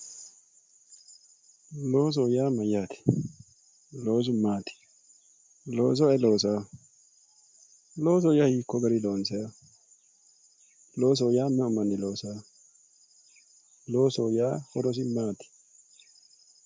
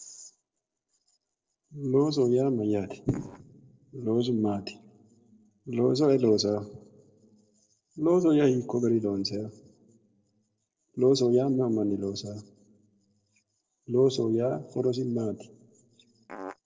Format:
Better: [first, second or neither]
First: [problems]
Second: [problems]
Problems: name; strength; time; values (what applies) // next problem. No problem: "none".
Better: first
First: none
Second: noise reduction (neural separator model SepFormer DNS4)